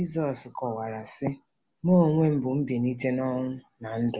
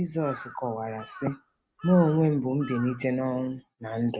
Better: first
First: none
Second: noise reduction (neural mask model RNNoise)

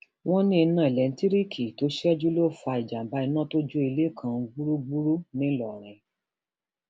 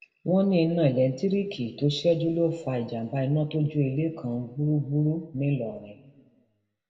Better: first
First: none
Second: room echo; dies away in 0.9 s

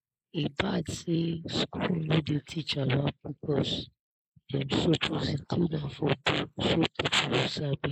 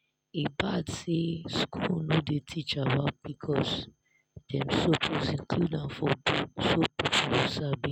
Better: second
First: noise reduction (neural mask model Resemble Enhance denoiser)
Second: none

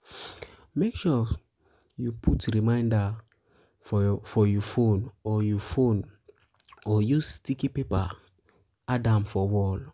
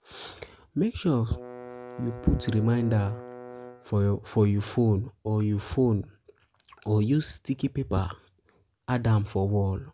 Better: first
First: none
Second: background sound (Bowed string instrument); 16 dB below the speech

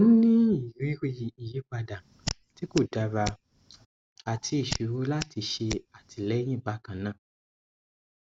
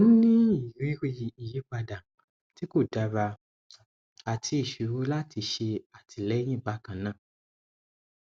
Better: second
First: background sound (Hands); 11 dB below the speech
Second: none

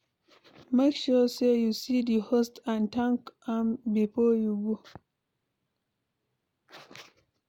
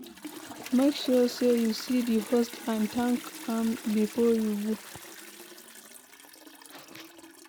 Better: first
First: none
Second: background sound (Toilet flush); 15 dB below the speech

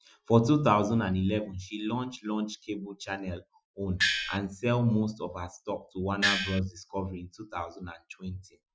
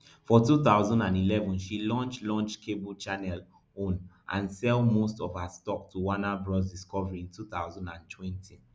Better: second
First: noise reduction (classical method Wiener filter)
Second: none

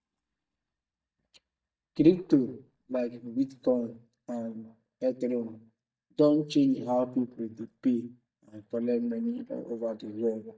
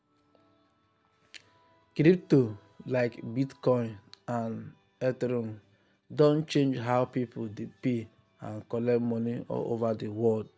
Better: second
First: noise reduction (neural mask model DeepFilterNet 3)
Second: none

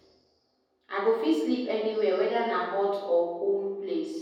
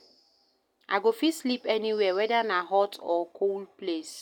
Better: second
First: room echo; dies away in 1.1 s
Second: none

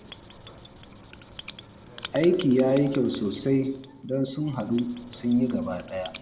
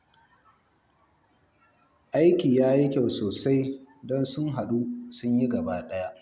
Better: second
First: background sound (Writing); 18 dB below the speech // room echo; dies away in 1.5 s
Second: none

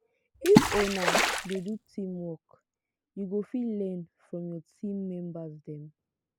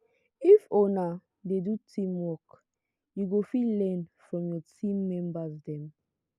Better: second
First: background sound (Water / Splash, splatter); 5 dB above the speech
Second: none

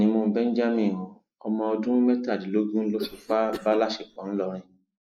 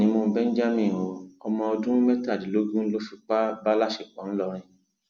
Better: second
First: noise reduction (neural mask model Resemble Enhance denoiser)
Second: none

